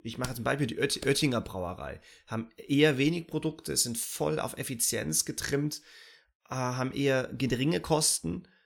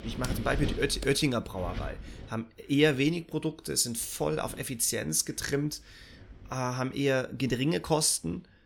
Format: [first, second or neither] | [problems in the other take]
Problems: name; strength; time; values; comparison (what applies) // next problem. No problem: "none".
first | wind noise on the microphone; occasional gusts; 15 dB below the speech